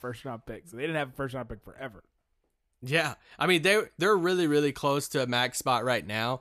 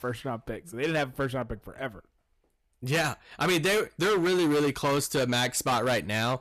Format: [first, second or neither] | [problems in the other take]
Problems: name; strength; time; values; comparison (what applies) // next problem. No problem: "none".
first | distortion; heavy; 13% of the sound clipped